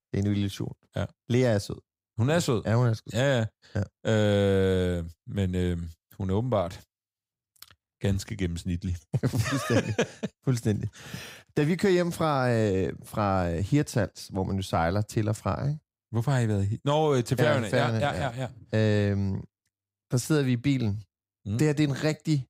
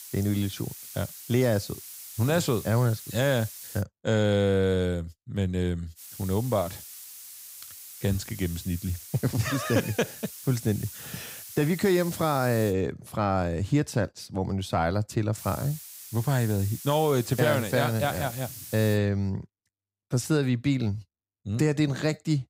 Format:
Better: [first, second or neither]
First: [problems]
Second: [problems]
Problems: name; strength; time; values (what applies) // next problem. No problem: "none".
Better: first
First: none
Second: hiss; noticeable; until 4 s, from 6 to 13 s and from 15 to 19 s; 15 dB below the speech